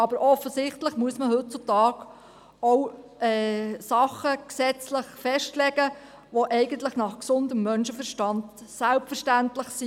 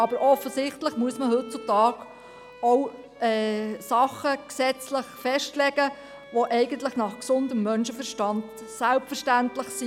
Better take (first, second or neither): first